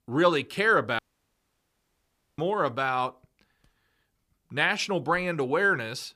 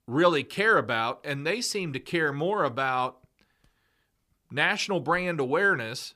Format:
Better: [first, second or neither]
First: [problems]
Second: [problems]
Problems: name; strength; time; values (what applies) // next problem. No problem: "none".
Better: second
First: audio cutting out; at 1 s for 1.5 s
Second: none